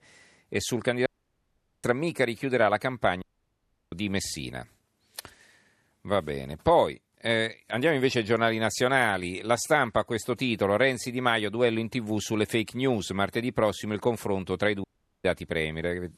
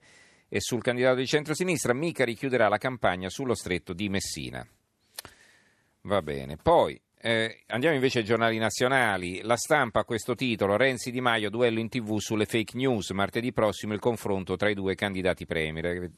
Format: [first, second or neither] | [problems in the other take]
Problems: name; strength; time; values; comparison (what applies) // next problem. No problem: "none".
second | audio cutting out; at 1 s for 1 s, at 3 s for 0.5 s and at 15 s